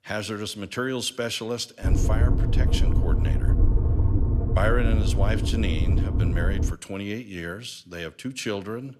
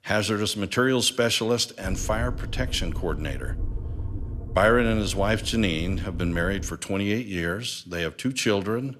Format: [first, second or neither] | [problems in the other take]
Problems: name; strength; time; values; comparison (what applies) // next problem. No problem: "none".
second | low rumble; loud; from 2 to 6.5 s; 5 dB below the speech; faint in the second